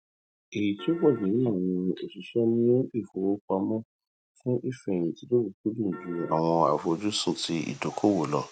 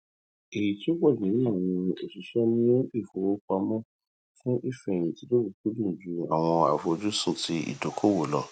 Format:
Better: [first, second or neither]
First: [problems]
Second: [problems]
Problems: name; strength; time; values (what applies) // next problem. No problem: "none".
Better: second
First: background sound (Piano); 14 dB below the speech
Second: none